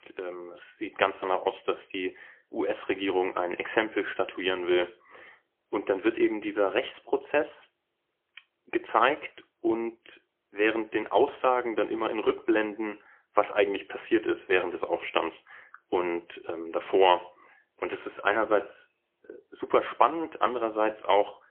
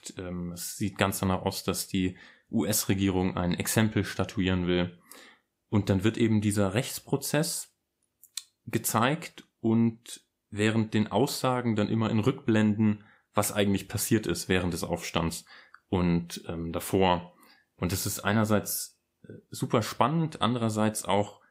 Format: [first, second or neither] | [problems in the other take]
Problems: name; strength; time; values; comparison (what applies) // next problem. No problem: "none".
second | phone-call audio; poor line; nothing above 3 kHz